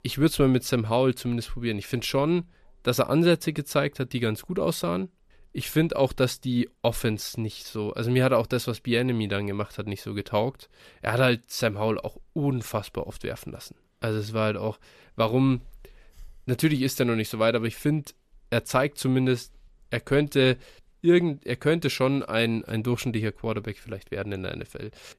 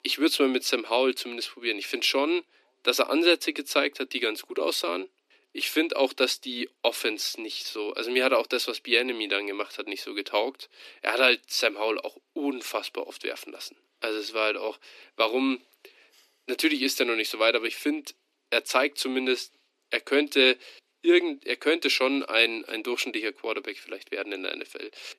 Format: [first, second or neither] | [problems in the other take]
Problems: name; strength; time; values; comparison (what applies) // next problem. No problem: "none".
first | thin; somewhat; fading below 250 Hz